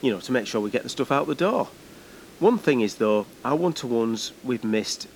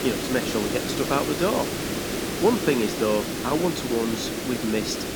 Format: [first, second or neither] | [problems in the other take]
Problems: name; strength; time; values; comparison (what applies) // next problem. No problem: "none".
first | hiss; loud; throughout; 2 dB below the speech; faint in the first